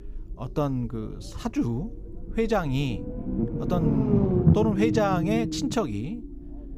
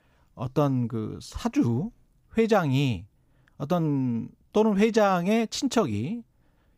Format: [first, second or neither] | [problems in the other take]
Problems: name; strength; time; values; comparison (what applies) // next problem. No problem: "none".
second | low rumble; loud; throughout; 3 dB below the speech